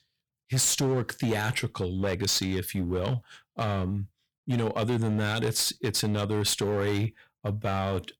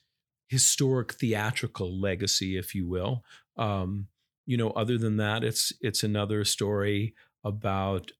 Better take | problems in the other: second | distortion; slight; 11% of the sound clipped

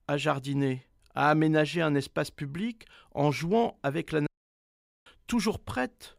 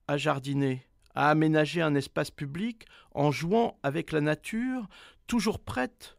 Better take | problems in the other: second | audio cutting out; at 4.5 s for 1 s

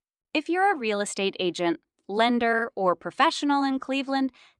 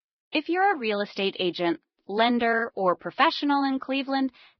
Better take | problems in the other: first | garbled, watery; badly

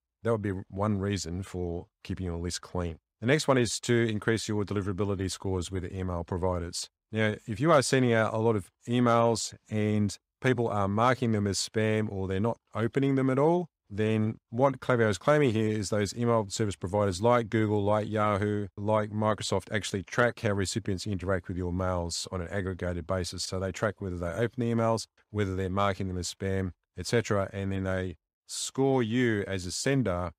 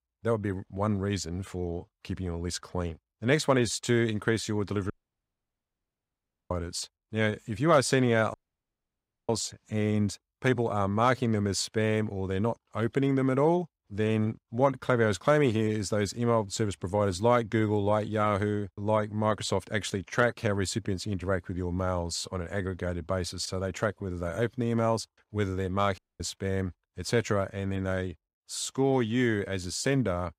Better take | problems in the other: first | audio cutting out; at 5 s for 1.5 s, at 8.5 s for 1 s and at 26 s

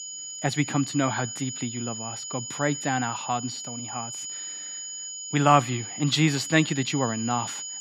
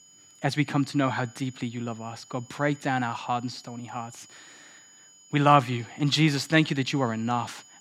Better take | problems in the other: second | high-pitched whine; loud; throughout; 7 kHz, 7 dB below the speech; faint in the second

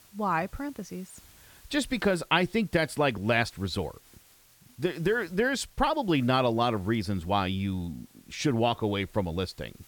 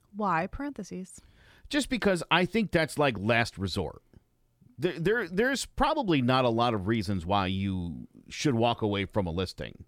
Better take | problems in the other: second | hiss; faint; throughout; 25 dB below the speech

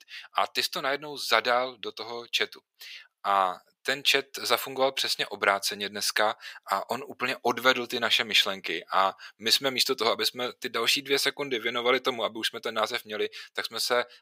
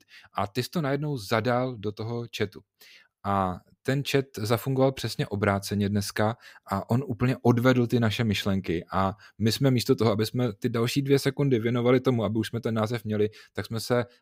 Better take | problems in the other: second | thin; very; fading below 700 Hz

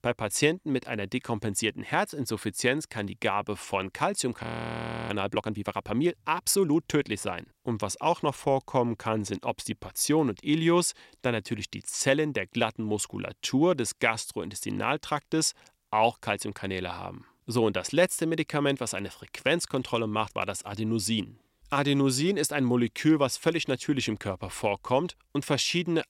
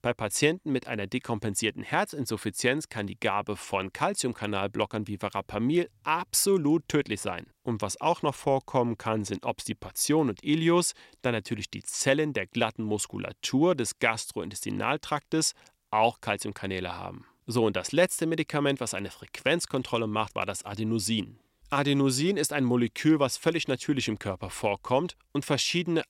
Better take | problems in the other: second | audio freezing; at 4.5 s for 0.5 s

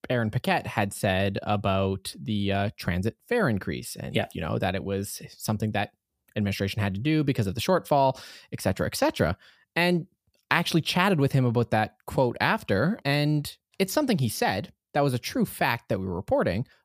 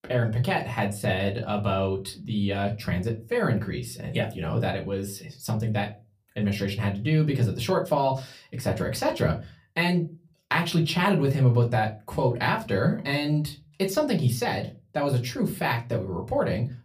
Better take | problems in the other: first | off-mic speech; far // room echo; very slight; dies away in 0.2 s

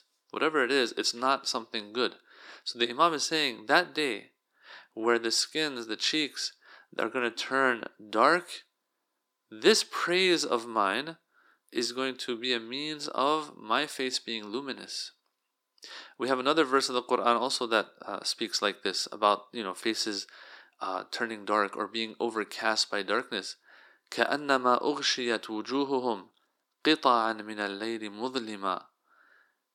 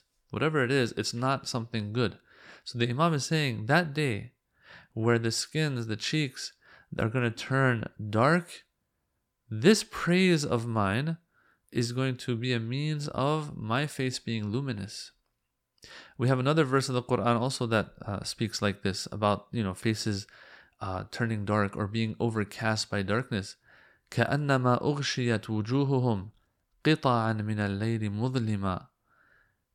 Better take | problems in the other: second | thin; somewhat; fading below 300 Hz

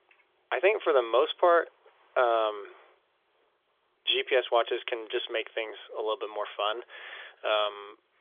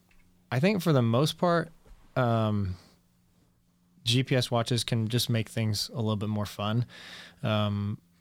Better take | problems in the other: second | phone-call audio; nothing above 3.5 kHz

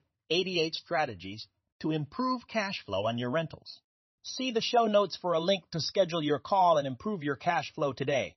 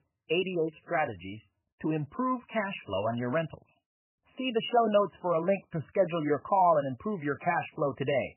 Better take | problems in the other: first | garbled, watery; badly; nothing above 3 kHz; slightly in the first

